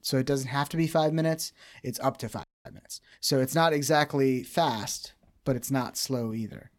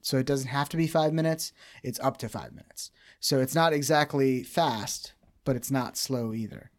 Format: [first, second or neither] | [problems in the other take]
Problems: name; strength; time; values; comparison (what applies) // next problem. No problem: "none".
second | audio freezing; at 2.5 s